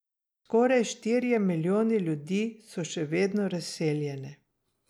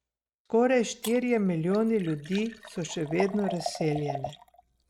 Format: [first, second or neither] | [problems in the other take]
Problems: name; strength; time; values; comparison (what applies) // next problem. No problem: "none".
first | noise reduction (neural mask model RNNoise)